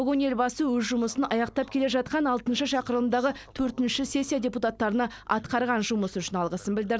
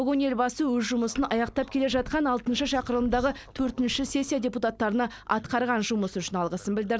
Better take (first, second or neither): first